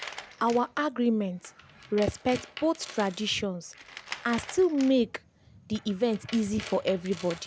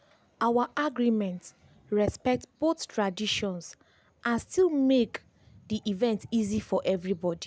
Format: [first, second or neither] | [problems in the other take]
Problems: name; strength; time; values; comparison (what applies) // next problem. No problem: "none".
second | background sound (Tools); 16 dB below the speech